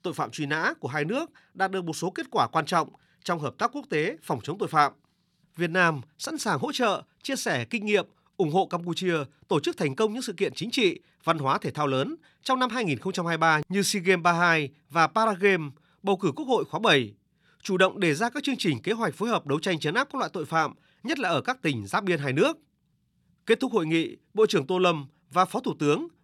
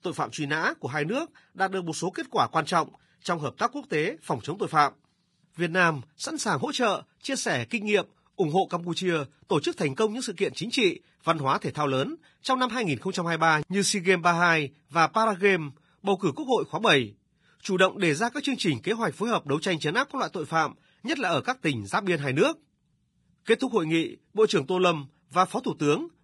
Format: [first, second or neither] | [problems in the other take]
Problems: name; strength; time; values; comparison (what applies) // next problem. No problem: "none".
first | garbled, watery; badly; nothing above 10.5 kHz